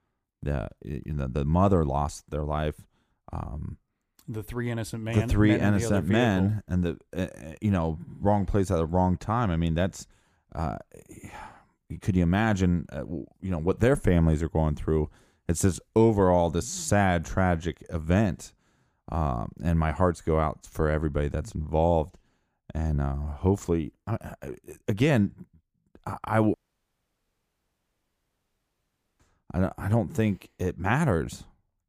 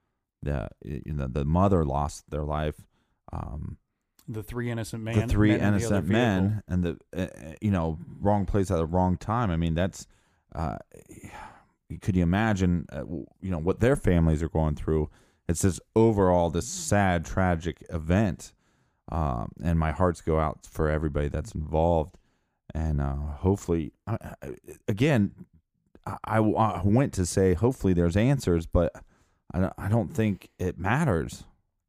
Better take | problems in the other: second | audio cutting out; at 27 s for 2.5 s

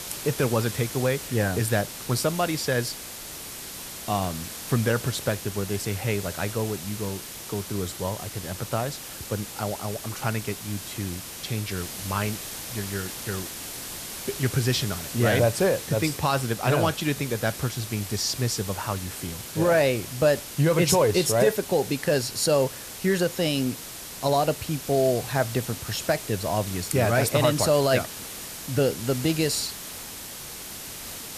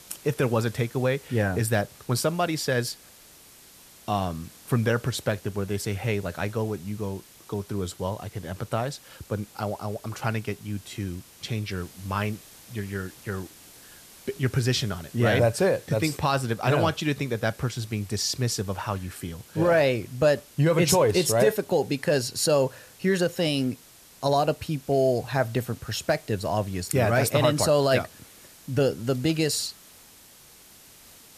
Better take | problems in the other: second | hiss; loud; throughout; 9 dB below the speech; faint in the second

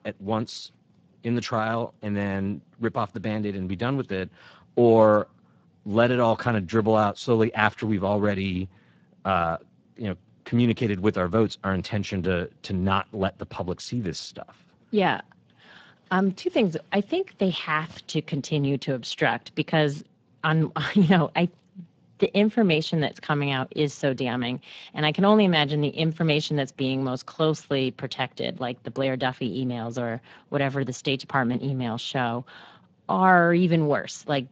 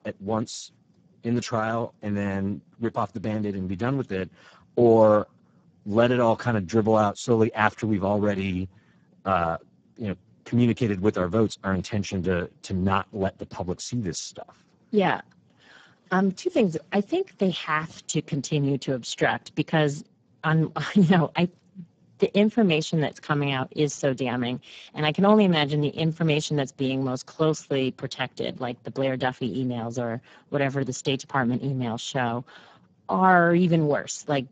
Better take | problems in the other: first | garbled, watery; badly; nothing above 7.5 kHz; slightly in the first

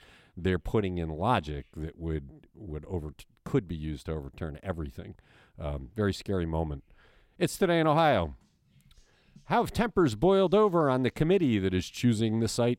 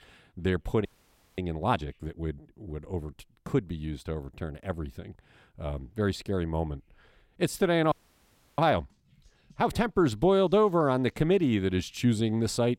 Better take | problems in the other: first | audio freezing; at 1 s for 0.5 s and at 8 s for 0.5 s

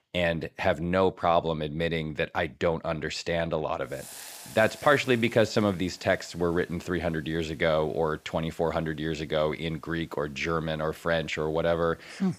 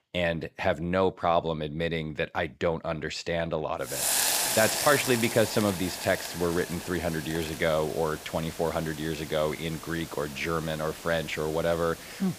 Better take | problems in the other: first | hiss; loud; from 4 s on; 3 dB below the speech; faint in the first

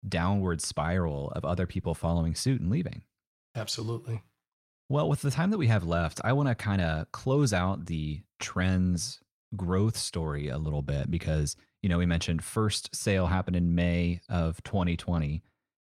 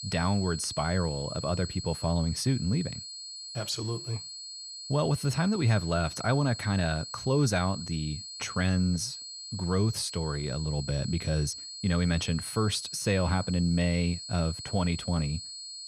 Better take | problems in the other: first | high-pitched whine; loud; throughout; 4.5 kHz, 9 dB below the speech

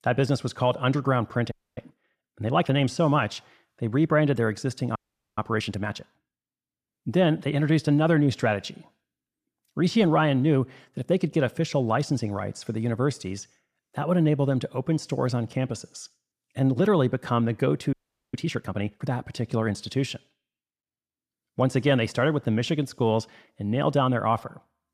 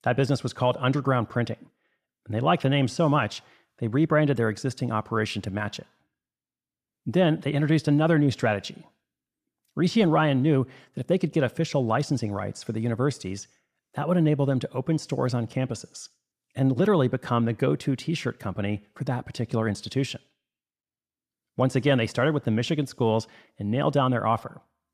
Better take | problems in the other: second | audio freezing; at 1.5 s, at 5 s and at 18 s

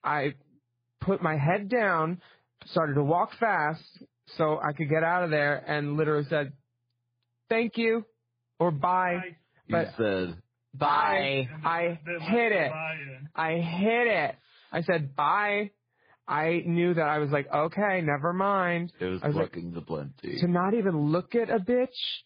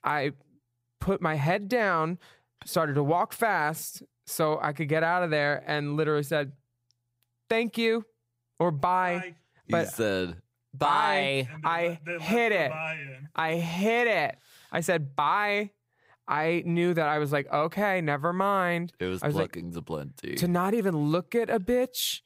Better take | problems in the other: second | garbled, watery; badly; nothing above 5 kHz

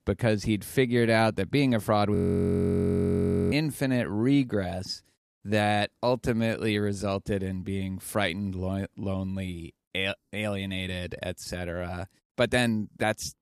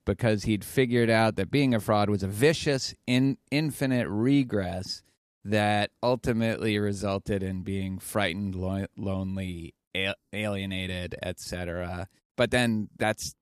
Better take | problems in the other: second | audio freezing; at 2 s for 1.5 s

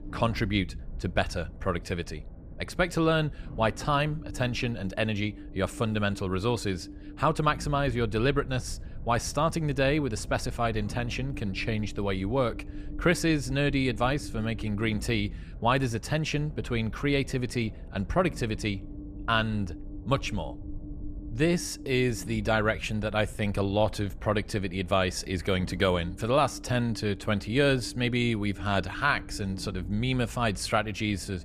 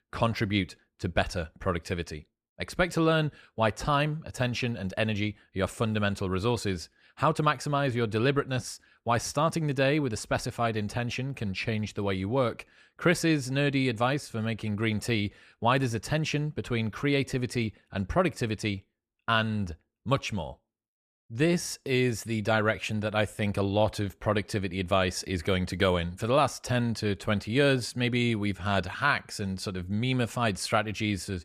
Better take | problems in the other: second | low rumble; faint; throughout; 20 dB below the speech

